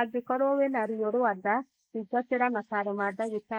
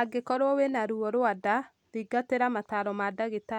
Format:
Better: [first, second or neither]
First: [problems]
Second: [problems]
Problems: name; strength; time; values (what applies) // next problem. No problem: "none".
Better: second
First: noise reduction (neural mask model Resemble Enhance denoiser)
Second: none